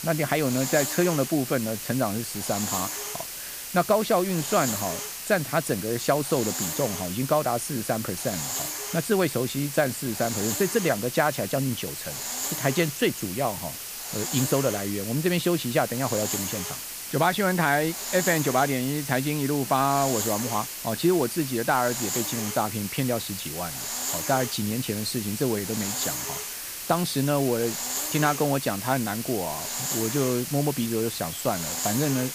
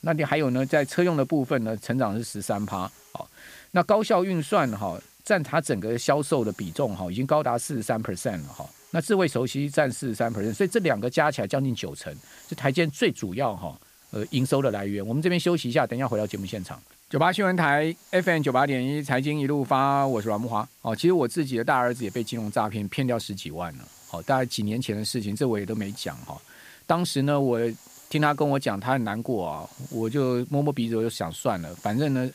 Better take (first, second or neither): second